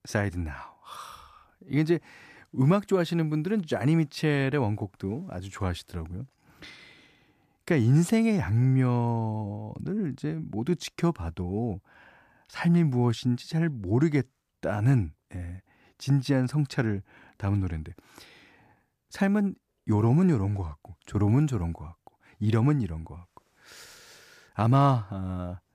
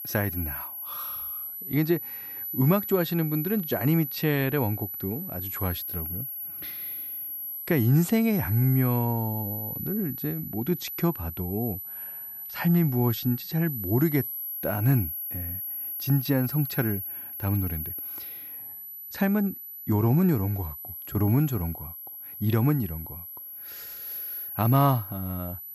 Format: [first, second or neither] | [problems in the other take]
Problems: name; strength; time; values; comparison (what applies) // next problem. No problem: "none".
first | high-pitched whine; loud; throughout; 11.5 kHz, 7 dB below the speech